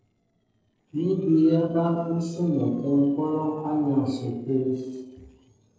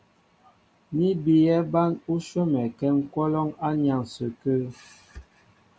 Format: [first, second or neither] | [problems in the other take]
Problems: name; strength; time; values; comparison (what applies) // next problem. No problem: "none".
second | noise reduction (neural separator model SepFormer DNS4)